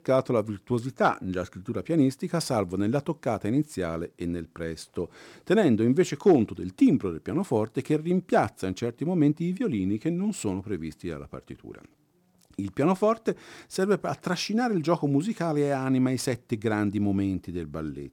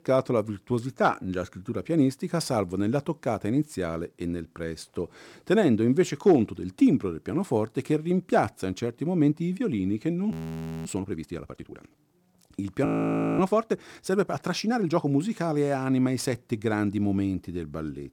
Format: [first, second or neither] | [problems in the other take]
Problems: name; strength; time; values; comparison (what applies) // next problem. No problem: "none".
first | audio freezing; at 10 s for 0.5 s and at 13 s for 0.5 s